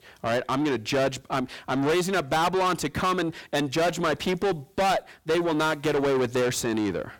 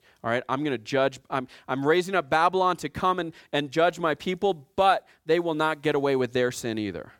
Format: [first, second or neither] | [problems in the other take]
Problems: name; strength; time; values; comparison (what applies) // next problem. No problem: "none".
second | distortion; heavy; 6 dB below the speech